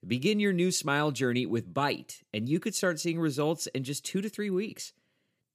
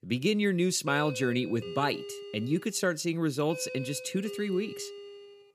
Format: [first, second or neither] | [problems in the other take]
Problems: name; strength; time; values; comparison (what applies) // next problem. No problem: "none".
first | doorbell; noticeable; from 1 s on; peak 9 dB below the speech